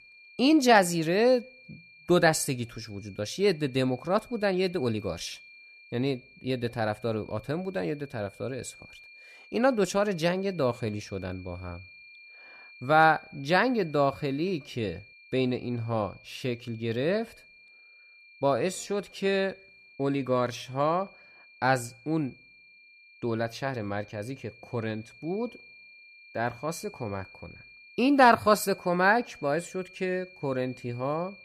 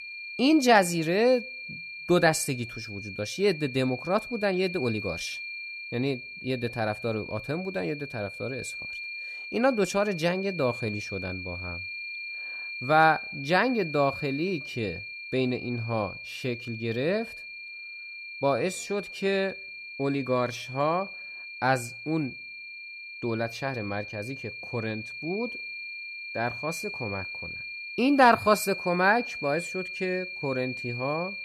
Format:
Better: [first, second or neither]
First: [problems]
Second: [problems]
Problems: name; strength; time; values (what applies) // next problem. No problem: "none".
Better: first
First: high-pitched whine; faint; throughout; 2.5 kHz, 25 dB below the speech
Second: high-pitched whine; loud; throughout; 2.5 kHz, 9 dB below the speech